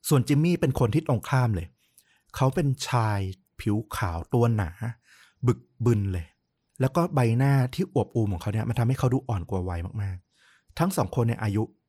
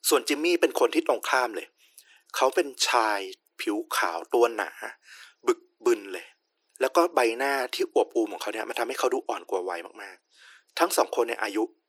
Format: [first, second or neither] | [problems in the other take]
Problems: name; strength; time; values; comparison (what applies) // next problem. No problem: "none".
first | thin; very; fading below 350 Hz